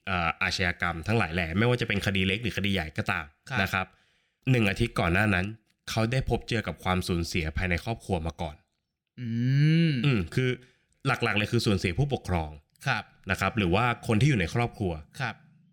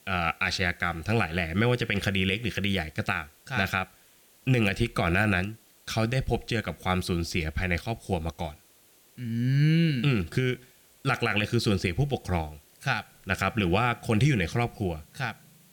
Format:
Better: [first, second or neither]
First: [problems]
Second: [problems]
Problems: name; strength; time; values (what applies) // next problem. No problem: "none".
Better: first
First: none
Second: hiss; faint; throughout; 30 dB below the speech